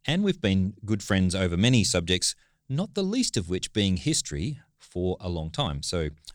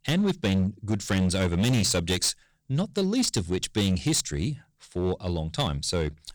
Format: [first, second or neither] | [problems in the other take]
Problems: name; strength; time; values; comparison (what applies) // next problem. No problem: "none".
first | distortion; slight; 9% of the sound clipped